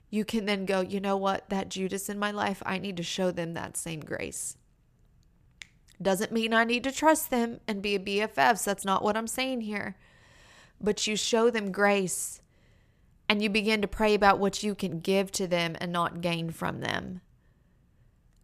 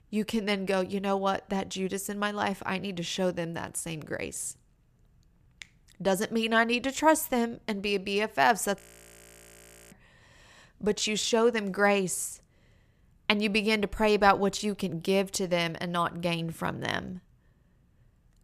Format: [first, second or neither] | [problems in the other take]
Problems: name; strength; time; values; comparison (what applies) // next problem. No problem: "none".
first | audio freezing; at 9 s for 1 s